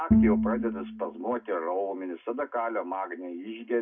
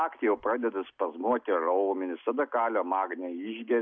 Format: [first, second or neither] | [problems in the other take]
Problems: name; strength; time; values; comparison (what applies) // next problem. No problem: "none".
second | background sound (Bowed string instrument); 4 dB above the speech // room echo; dies away in 0.2 s